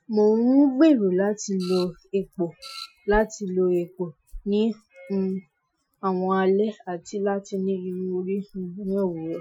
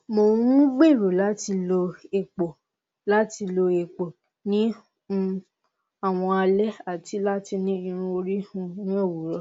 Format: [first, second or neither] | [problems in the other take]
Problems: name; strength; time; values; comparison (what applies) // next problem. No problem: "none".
second | noise reduction (classical method Wiener filter)